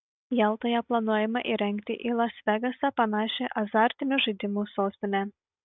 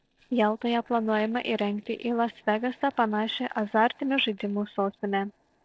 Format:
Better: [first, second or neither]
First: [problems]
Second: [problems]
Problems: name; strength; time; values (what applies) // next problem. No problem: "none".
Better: first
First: none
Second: noise reduction (neural separator model SepFormer DNS4)